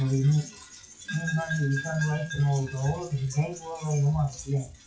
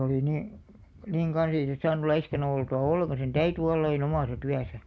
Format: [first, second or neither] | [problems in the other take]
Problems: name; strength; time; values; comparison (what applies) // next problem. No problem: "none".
second | noise reduction (classical method WPE with log-MMSE)